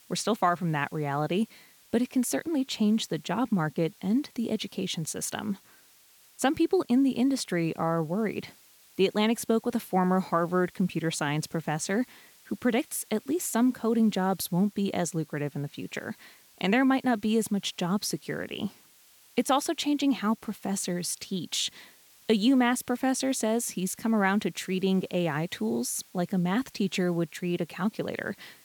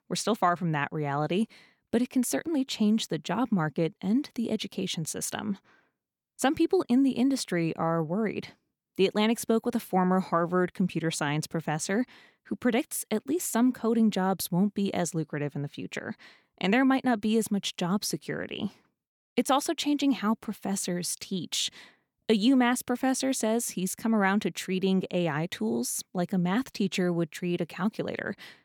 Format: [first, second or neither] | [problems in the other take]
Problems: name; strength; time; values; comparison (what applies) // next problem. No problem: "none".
second | hiss; faint; throughout; 25 dB below the speech